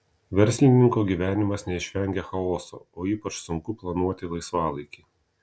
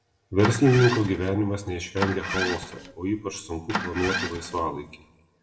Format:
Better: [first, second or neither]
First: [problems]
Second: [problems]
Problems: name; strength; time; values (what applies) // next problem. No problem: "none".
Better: first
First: none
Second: background sound (Engine starting); 7 dB below the speech // room echo; dies away in 0.6 s